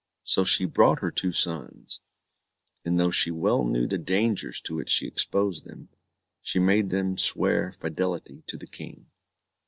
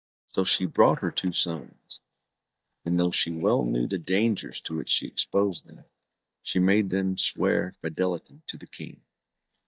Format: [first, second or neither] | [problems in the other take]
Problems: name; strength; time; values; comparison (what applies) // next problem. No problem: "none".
first | noise reduction (neural mask model DeepFilterNet 3)